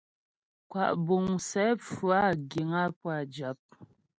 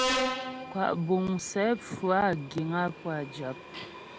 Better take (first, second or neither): first